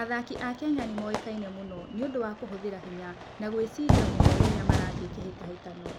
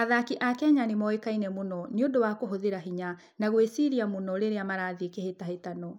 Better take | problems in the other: second | background sound (Fire / Fireworks); 4 dB above the speech

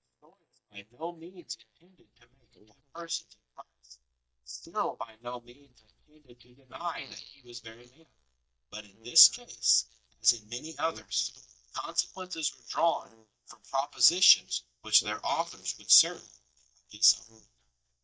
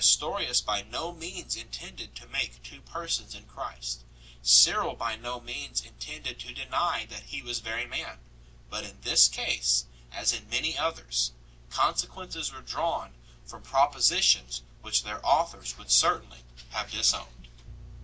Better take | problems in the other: second | noise reduction (neural mask model DeepFilterNet 3)

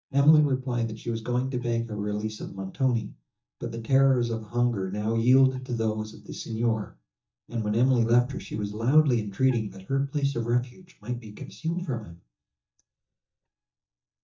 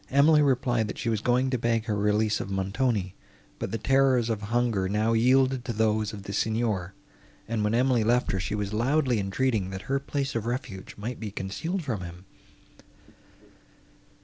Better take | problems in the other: second | noise reduction (neural mask model DeepFilterNet 3)

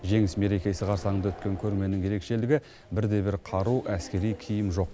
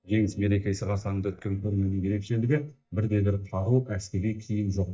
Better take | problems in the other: first | noise reduction (neural mask model DeepFilterNet 3)

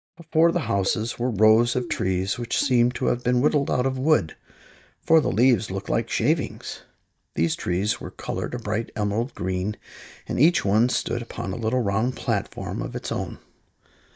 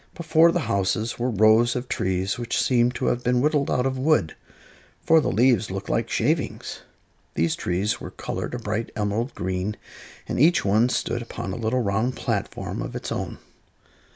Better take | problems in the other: second | noise reduction (neural mask model DeepFilterNet 3)

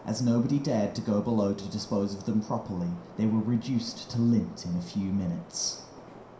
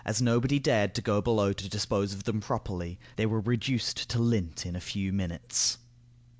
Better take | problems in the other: second | background sound (Subway, metro, underground); 19 dB below the speech // room echo; dies away in 0.5 s

